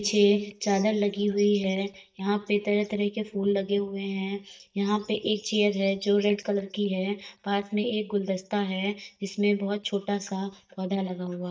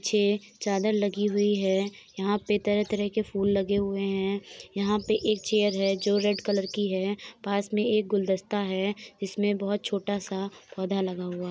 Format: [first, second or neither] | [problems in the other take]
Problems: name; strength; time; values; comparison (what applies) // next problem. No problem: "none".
second | noise reduction (neural mask model DeepFilterNet 3)